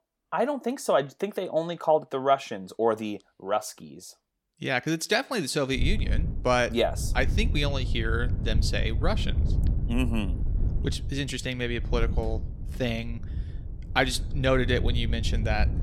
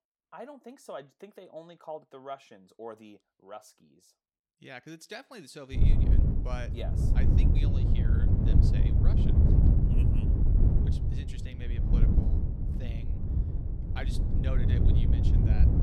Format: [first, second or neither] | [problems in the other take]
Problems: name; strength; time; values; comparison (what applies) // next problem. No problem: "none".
first | wind noise on the microphone; heavy; from 6 s on; 4 dB above the speech; occasional gusts in the first